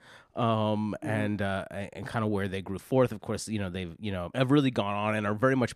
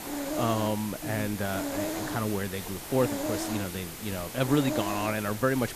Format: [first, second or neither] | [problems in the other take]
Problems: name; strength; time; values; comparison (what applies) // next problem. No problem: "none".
first | hiss; loud; throughout; 4 dB below the speech